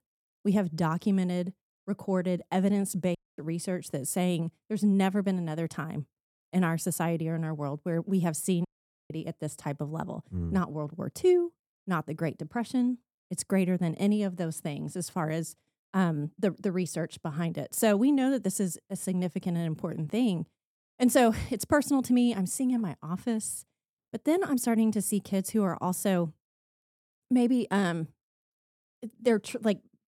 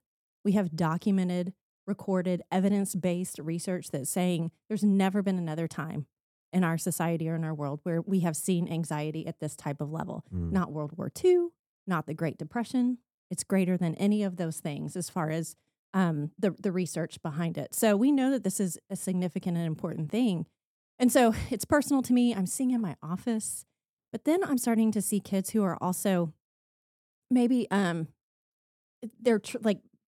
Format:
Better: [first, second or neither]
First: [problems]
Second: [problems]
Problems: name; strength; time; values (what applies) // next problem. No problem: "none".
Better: second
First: audio cutting out; at 3 s and at 8.5 s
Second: none